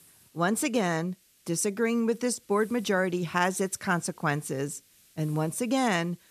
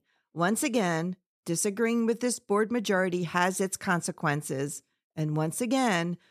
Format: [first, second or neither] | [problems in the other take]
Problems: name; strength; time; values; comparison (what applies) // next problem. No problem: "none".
second | hiss; faint; throughout; 30 dB below the speech